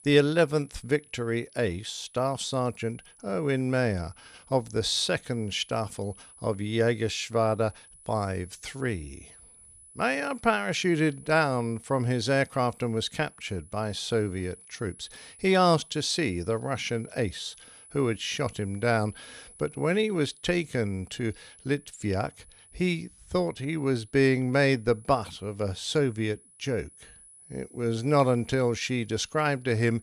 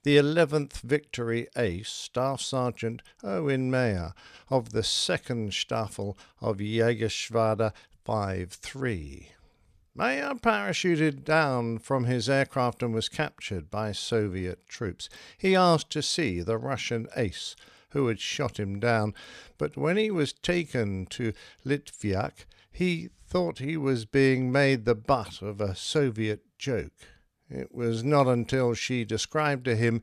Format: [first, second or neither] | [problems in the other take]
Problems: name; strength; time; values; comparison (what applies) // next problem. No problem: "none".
second | high-pitched whine; faint; throughout; 10 kHz, 25 dB below the speech